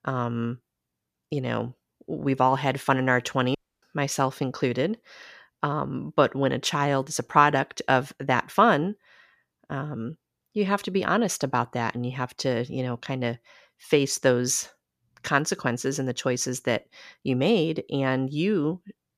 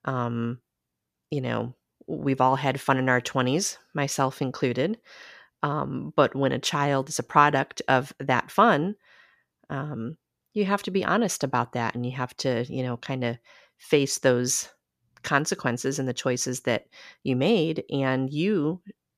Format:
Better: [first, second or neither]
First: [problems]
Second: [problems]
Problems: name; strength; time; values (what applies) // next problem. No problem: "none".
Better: second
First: audio cutting out; at 3.5 s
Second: none